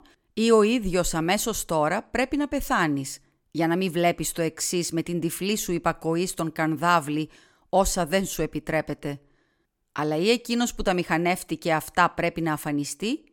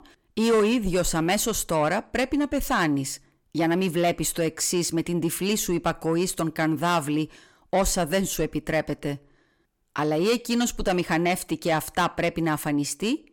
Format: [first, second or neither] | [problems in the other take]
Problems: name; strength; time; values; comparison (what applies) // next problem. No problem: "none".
first | distortion; slight; 10 dB below the speech